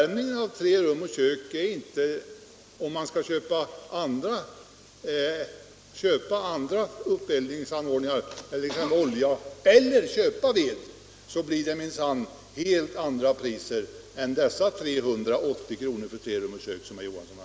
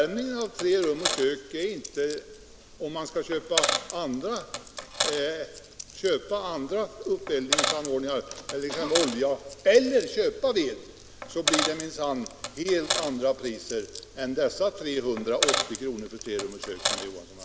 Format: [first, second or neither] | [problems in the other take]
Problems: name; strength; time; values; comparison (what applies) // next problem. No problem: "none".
first | background sound (Coin (dropping)); 5 dB below the speech